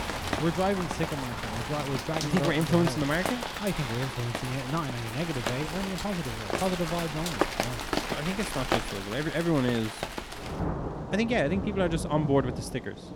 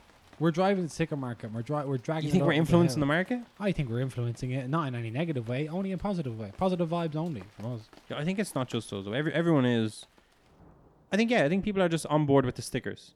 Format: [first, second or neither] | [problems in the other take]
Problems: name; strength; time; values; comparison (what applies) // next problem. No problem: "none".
second | rain or running water; loud; throughout; 3 dB below the speech; faint in the second